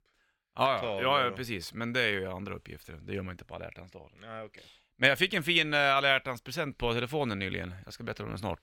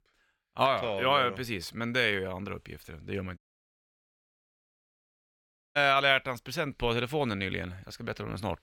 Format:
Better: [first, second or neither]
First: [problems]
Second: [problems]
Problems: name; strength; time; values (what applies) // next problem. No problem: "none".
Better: first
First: none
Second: audio cutting out; at 3.5 s for 2.5 s